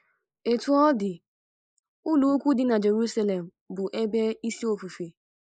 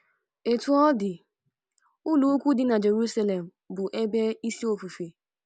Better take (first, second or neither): second